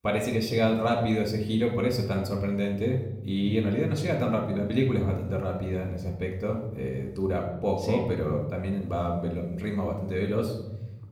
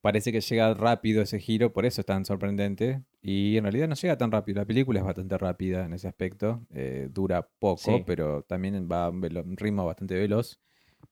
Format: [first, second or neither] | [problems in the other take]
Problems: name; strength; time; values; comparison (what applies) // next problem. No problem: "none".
second | room echo; slight; dies away in 1.1 s // off-mic speech; far